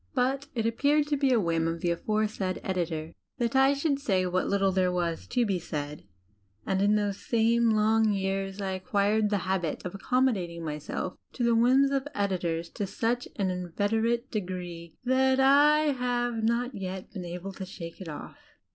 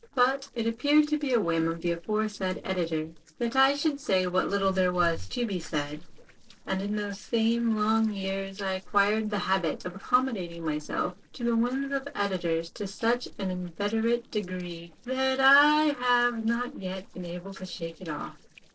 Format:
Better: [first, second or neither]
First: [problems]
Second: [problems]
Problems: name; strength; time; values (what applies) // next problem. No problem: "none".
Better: first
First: none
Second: noise reduction (neural separator model SepFormer DNS4)